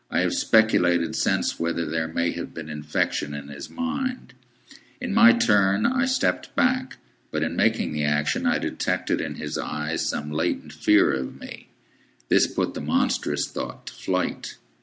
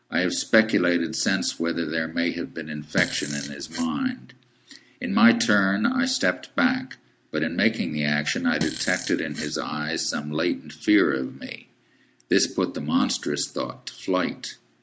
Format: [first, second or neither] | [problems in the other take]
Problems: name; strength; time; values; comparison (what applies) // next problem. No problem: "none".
first | background sound (Fart); 10 dB below the speech